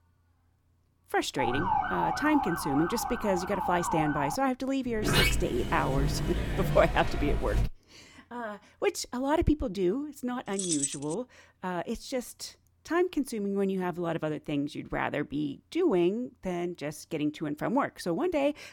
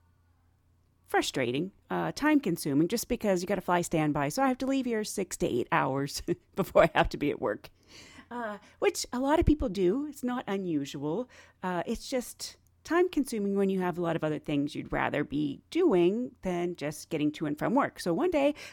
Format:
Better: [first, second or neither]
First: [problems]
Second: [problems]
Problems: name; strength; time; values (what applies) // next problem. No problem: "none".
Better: second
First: siren; loud; from 1.5 to 4.5 s; peak 2 dB above the speech // door banging; loud; from 5 to 7.5 s; peak 6 dB above the speech // jangling keys; loud; at 11 s; peak 1 dB above the speech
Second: none